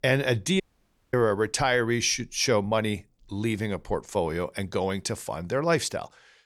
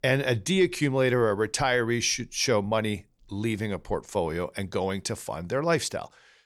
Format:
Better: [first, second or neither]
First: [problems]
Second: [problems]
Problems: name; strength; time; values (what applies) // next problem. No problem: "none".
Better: second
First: audio cutting out; at 0.5 s for 0.5 s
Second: none